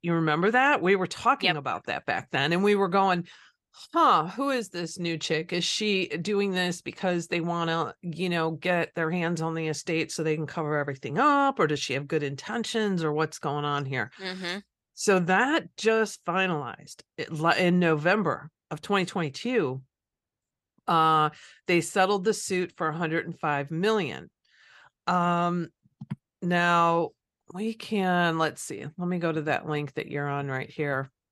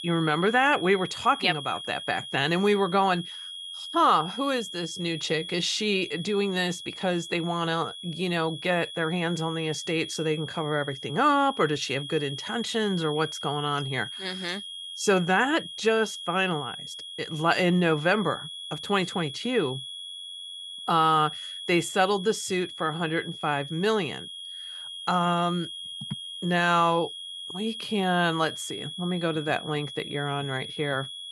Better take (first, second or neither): first